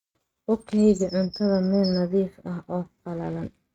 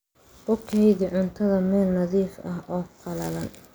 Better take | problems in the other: second | noise reduction (neural mask model RNNoise)

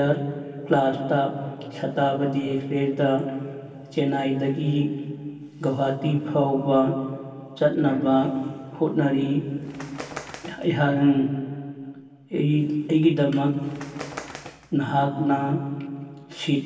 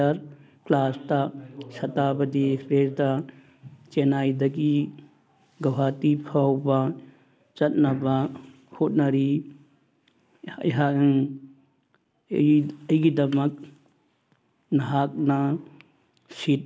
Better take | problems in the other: second | background sound (Bird); 18 dB below the speech // room echo; dies away in 2.7 s

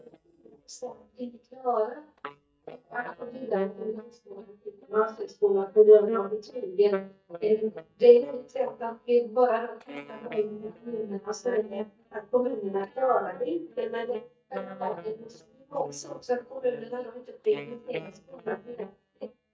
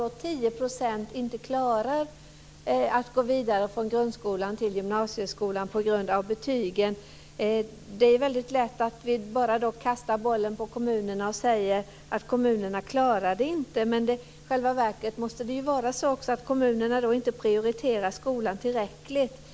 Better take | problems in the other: second | noise reduction (neural mask model DeepFilterNet 3)

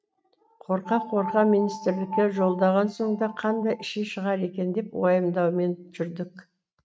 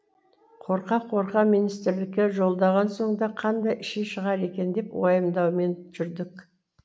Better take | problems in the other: second | noise reduction (neural mask model RNNoise)

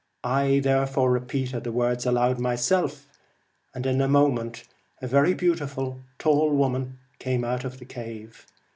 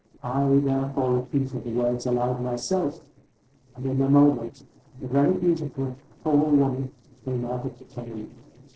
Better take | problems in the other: first | noise reduction (neural separator model SepFormer DNS4)

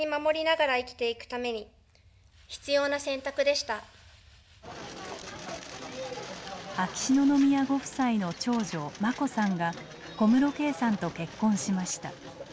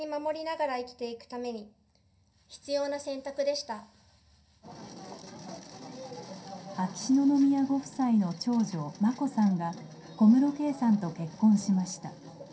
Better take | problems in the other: first | room echo; dies away in 0.3 s

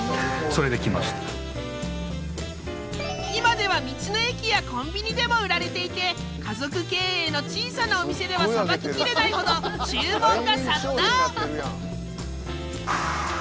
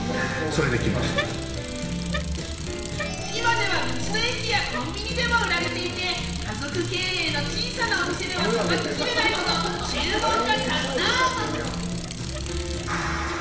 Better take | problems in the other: first | background sound (Bicycle); 11 dB below the speech // room echo; dies away in 1.3 s

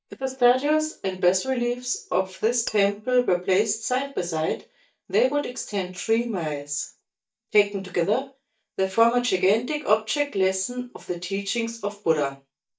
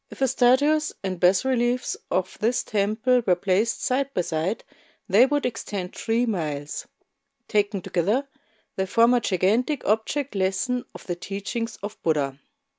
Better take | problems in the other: second | noise reduction (neural mask model DeepFilterNet 3)

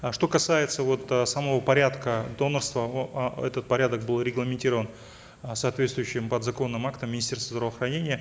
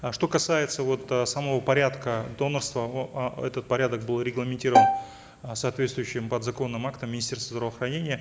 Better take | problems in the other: first | background sound (Bowed string instrument); 5 dB above the speech

